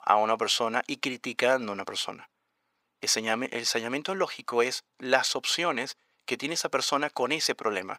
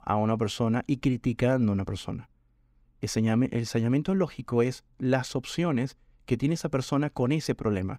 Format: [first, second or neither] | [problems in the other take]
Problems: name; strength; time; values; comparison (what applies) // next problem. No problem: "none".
second | thin; very; fading below 700 Hz